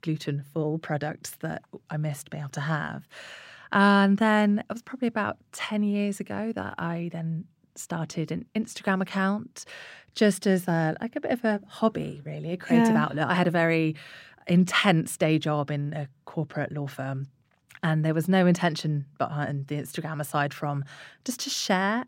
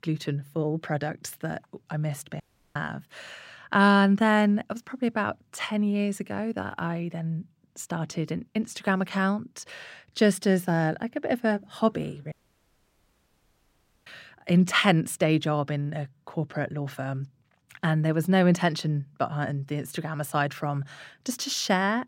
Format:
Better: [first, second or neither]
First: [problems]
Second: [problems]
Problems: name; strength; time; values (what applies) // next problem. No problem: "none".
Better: first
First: none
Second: audio cutting out; at 2.5 s and at 12 s for 1.5 s